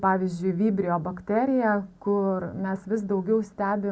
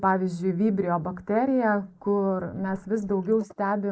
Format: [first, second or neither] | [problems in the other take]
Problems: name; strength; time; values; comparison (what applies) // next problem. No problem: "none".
first | noise reduction (neural mask model Resemble Enhance denoiser)